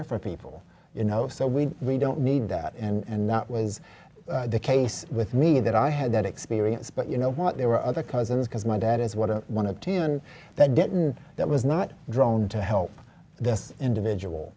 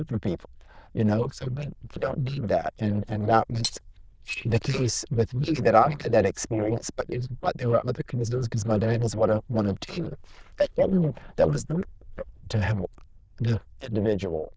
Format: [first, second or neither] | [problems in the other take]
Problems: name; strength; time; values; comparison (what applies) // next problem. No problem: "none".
first | noise reduction (neural diffusion model UNIVERSE++)